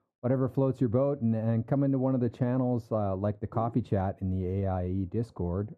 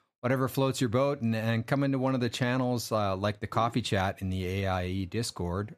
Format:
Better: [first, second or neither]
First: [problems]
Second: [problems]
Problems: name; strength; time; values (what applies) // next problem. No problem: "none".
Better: second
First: muffled; very; fading above 1.5 kHz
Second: none